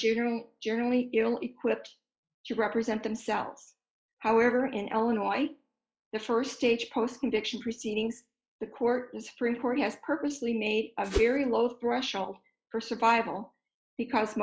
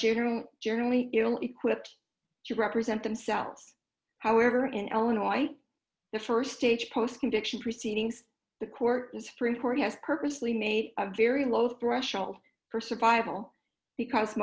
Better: second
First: noise reduction (classical method log-MMSE)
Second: none

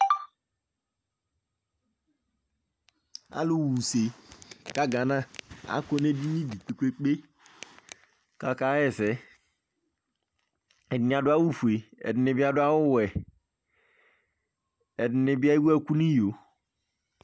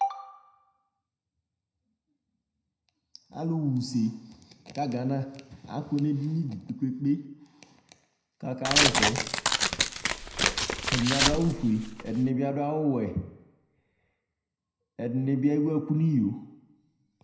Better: first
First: none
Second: background sound (Tearing); 3 dB above the speech // room echo; dies away in 0.7 s

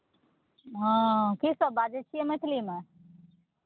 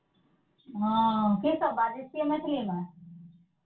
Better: first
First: none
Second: room echo; dies away in 0.2 s

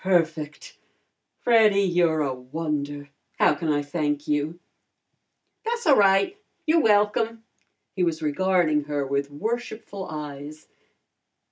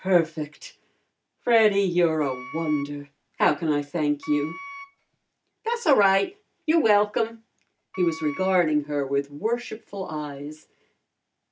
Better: first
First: none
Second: background sound (Wind instrument, woodwind instrument); 16 dB below the speech

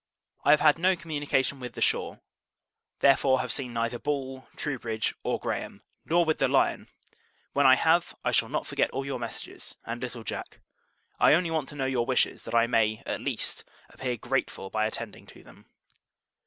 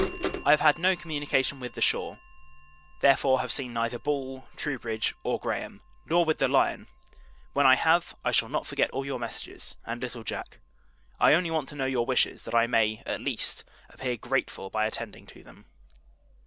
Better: first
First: none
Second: background sound (Bird vocalization, bird call, bird song / Telephone); 15 dB below the speech

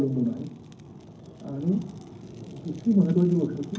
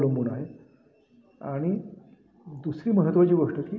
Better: second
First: background sound (Fire); 16 dB below the speech // room echo; dies away in 0.4 s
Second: none

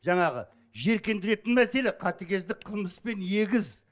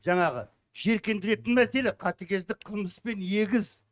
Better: first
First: none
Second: noise reduction (neural mask model RNNoise)

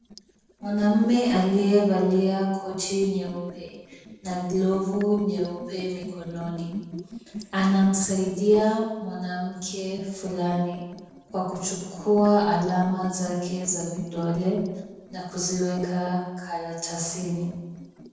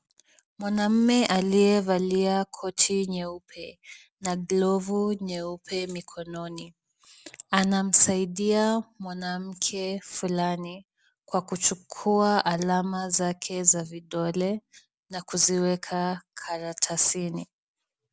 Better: second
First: noise reduction (neural separator model SepFormer DNS4)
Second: none

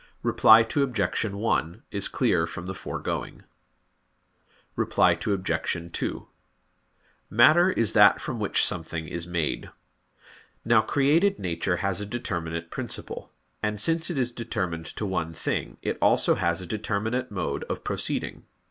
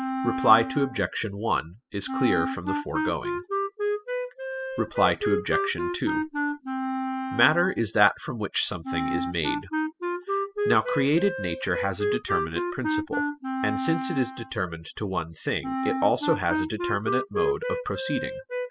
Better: first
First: none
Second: noise reduction (classical method spectral subtraction)

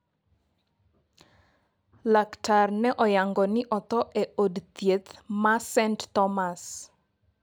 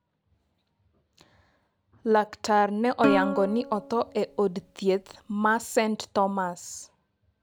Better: first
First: none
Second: background sound (Plucked string instrument); 5 dB below the speech

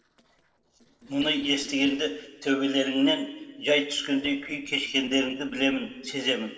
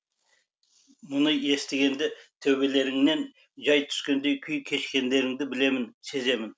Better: second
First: noise reduction (neural separator model SepFormer DNS4)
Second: none

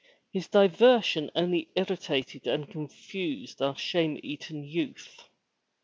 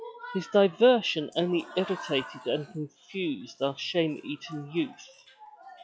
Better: first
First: none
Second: noise reduction (classical method log-MMSE)

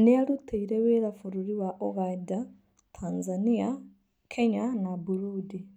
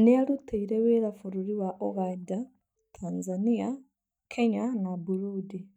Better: first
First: none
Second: noise reduction (neural mask model DeepFilterNet 3)

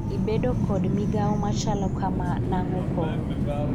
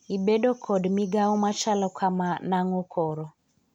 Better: second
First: background sound (Subway, metro, underground); 4 dB above the speech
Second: none

